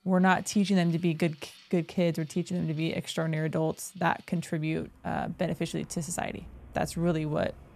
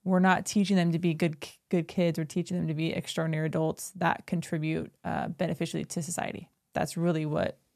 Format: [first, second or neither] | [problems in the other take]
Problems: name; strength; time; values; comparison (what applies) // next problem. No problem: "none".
second | traffic noise; faint; throughout; 25 dB below the speech